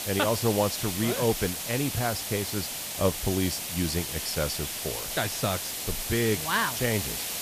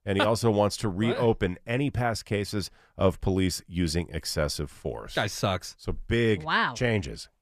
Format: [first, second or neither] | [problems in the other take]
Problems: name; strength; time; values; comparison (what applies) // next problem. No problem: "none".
second | hiss; loud; throughout; 2 dB below the speech